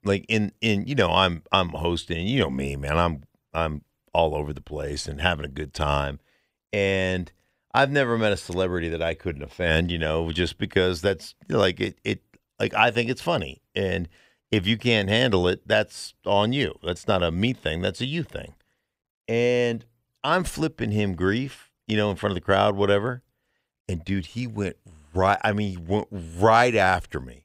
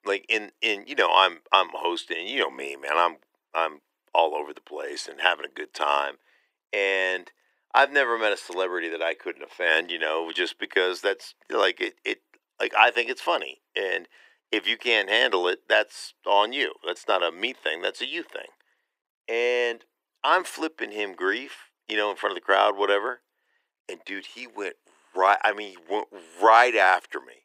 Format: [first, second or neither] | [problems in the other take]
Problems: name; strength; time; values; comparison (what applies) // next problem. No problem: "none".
first | thin; very; fading below 350 Hz